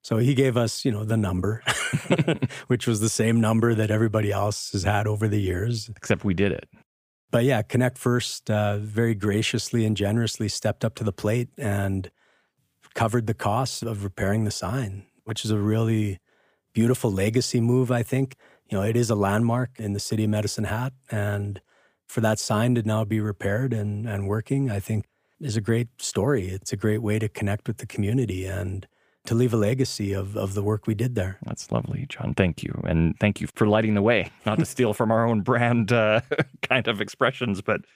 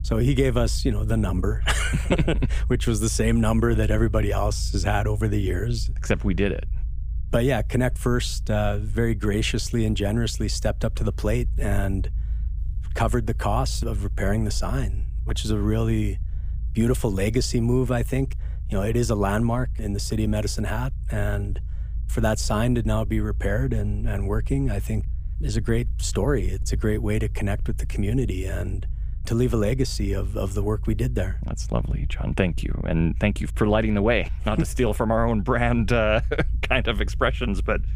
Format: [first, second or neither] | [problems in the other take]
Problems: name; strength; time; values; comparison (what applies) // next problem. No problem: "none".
first | low rumble; faint; throughout; 25 dB below the speech